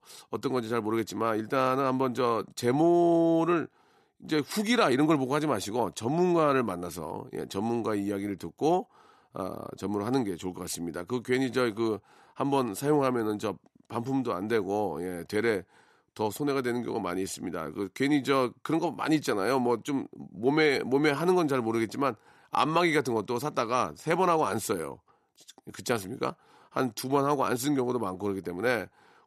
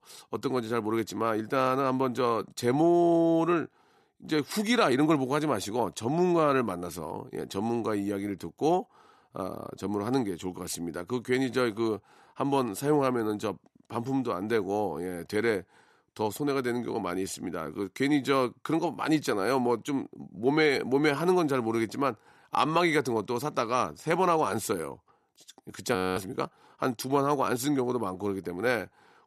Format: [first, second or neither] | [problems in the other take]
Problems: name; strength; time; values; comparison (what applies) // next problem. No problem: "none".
first | audio freezing; at 26 s